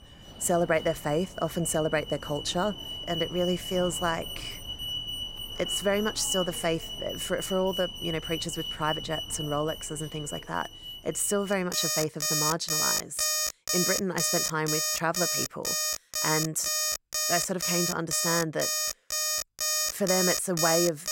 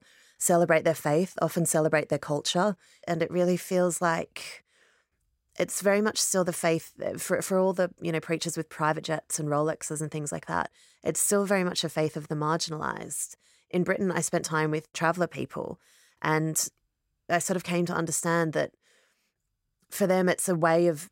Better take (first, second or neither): second